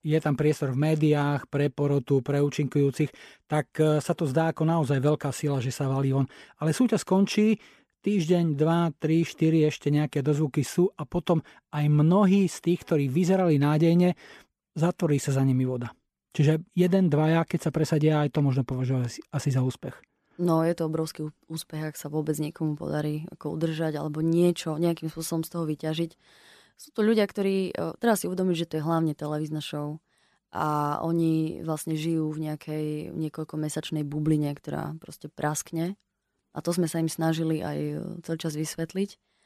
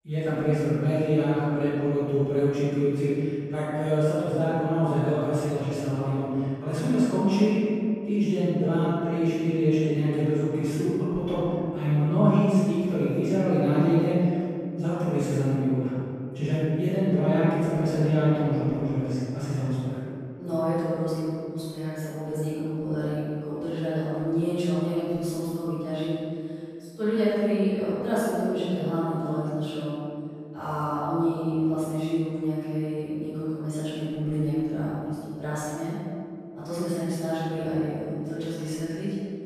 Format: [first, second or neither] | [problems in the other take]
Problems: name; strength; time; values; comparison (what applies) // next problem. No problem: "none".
first | off-mic speech; far // room echo; strong; dies away in 2.5 s